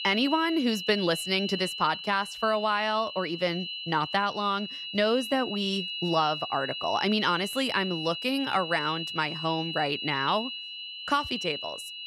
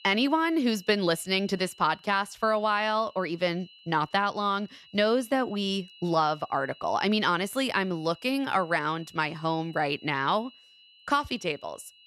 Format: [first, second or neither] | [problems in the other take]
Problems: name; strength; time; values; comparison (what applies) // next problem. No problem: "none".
second | high-pitched whine; loud; throughout; 3 kHz, 6 dB below the speech; faint in the second